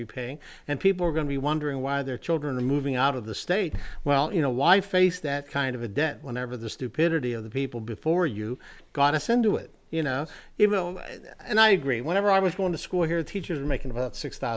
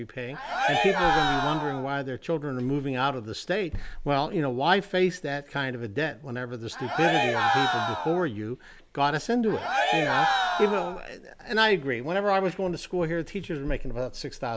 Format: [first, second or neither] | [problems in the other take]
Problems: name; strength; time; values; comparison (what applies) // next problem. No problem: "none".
first | background sound (Cheering); 1 dB above the speech